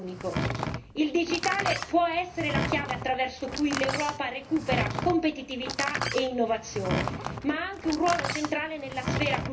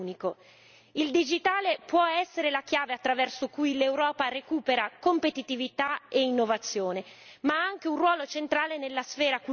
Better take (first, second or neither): second